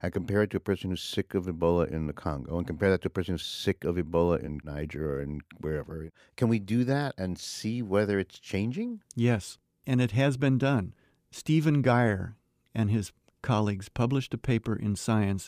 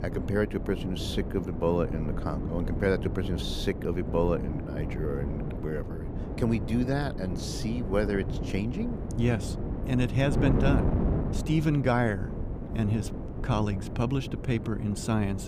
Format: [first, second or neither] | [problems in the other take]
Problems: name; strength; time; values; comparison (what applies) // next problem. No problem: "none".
first | wind noise on the microphone; heavy; 7 dB below the speech